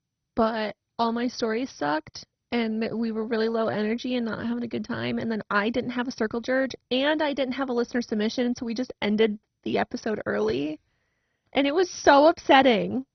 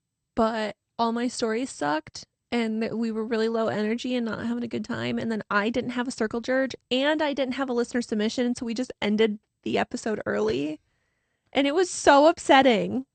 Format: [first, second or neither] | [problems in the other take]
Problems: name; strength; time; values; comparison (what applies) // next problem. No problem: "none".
second | garbled, watery; badly; nothing above 6 kHz; slightly in the second